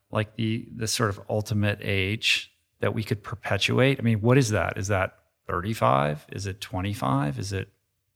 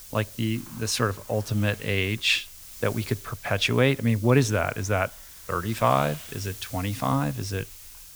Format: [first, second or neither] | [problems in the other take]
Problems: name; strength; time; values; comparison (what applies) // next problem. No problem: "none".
first | hiss; noticeable; throughout; 15 dB below the speech